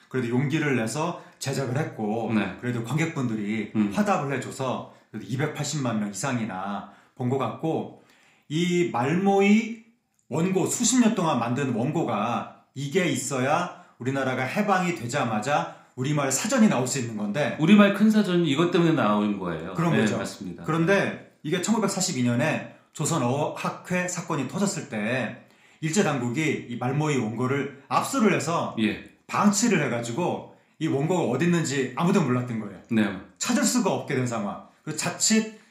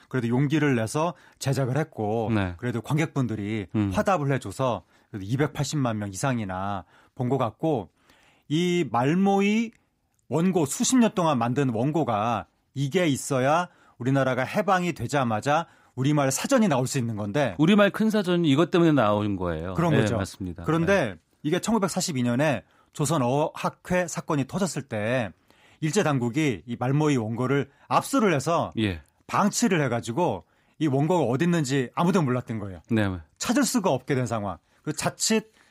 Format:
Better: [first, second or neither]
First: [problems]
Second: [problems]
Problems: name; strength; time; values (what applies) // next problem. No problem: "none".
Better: second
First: room echo; very slight; dies away in 0.4 s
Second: none